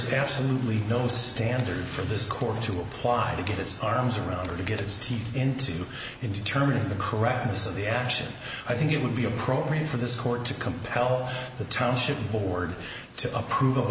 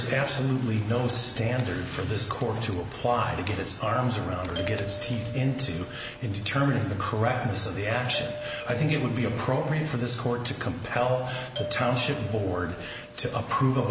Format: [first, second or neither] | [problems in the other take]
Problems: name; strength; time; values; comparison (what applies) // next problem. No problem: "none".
first | background sound (Doorbell); 12 dB below the speech